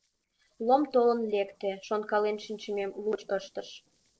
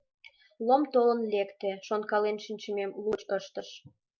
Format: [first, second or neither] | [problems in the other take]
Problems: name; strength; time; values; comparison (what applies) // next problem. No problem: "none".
second | noise reduction (neural separator model SepFormer DNS4)